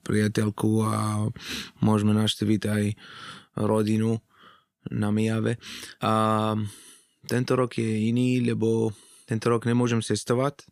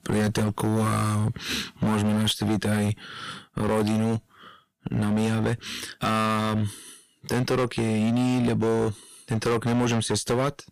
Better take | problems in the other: first | distortion; heavy; 17% of the sound clipped

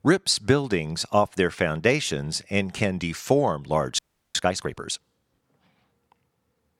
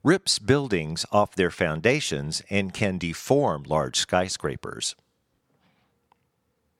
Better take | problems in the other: second | audio freezing; at 4 s

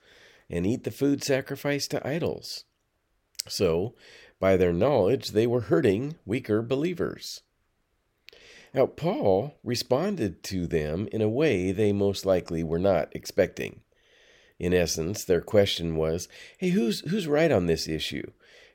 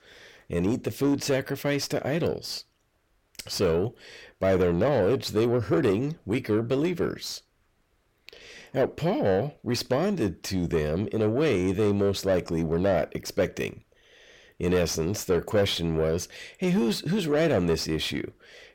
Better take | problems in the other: first | distortion; slight; 10 dB below the speech

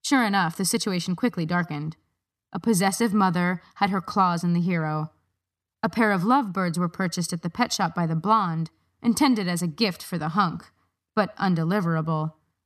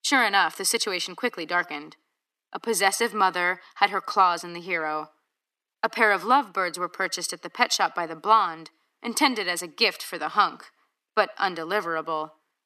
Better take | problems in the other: first | thin; very; fading below 350 Hz

